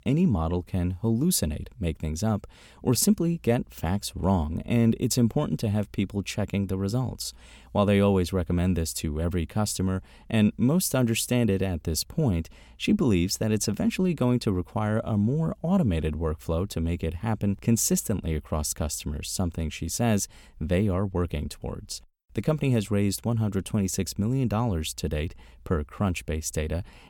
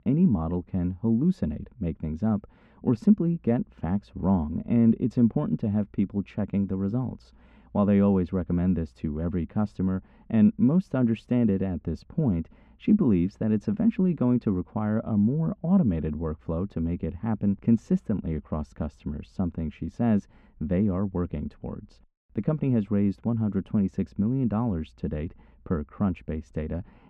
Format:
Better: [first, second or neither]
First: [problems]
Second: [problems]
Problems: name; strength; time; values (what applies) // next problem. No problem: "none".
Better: first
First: none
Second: muffled; very; fading above 1.5 kHz